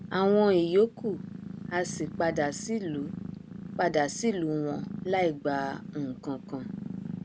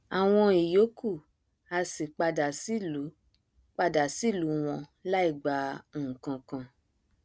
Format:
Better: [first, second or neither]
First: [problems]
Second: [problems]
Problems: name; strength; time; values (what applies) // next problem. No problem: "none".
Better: second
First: background sound (Purr); 11 dB below the speech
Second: none